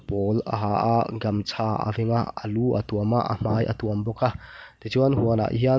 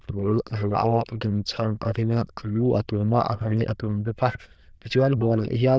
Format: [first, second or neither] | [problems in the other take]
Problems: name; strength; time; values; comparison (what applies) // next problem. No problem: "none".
first | noise reduction (neural diffusion model UNIVERSE++)